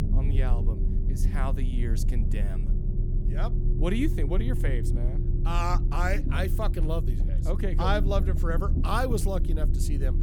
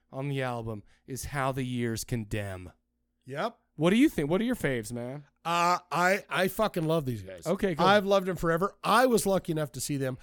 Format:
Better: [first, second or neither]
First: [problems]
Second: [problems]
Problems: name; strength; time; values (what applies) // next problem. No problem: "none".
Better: second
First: low rumble; loud; throughout; 9 dB below the speech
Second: none